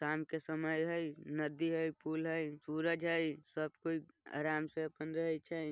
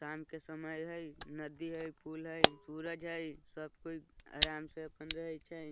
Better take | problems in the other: first | background sound (Camera); 3 dB above the speech

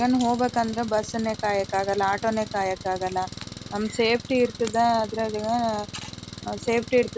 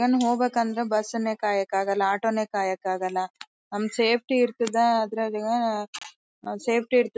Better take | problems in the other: second | background sound (Engine); 14 dB below the speech

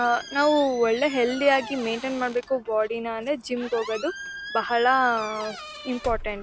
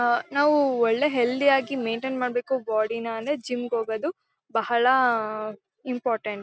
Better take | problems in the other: second | background sound (Squeak); 14 dB below the speech

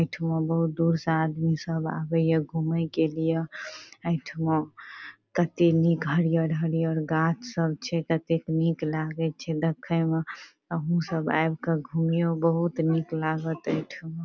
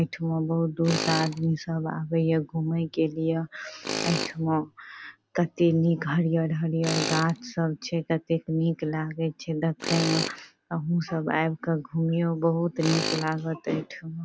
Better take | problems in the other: first | background sound (Tools); 10 dB below the speech

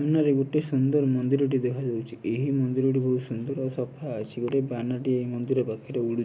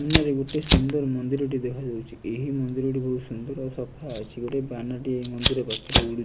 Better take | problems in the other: first | background sound (Fire); 2 dB below the speech

